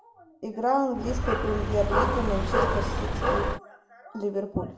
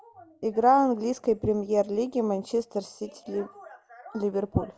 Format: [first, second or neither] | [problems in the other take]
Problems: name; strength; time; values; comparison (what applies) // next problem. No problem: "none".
second | background sound (Dog); 4 dB above the speech // room echo; dies away in 0.5 s